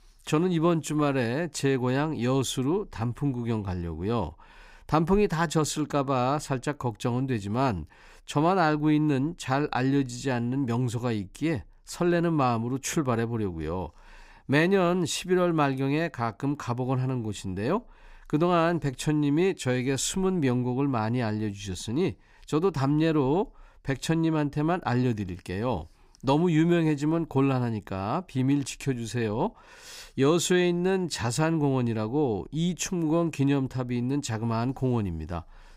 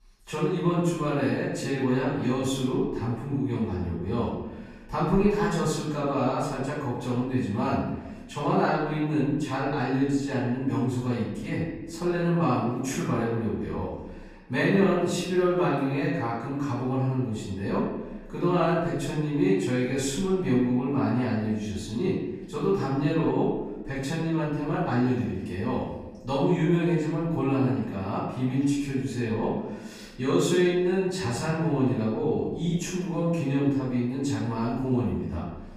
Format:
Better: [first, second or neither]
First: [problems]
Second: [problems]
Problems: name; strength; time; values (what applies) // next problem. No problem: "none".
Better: first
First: none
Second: off-mic speech; far // room echo; noticeable; dies away in 1 s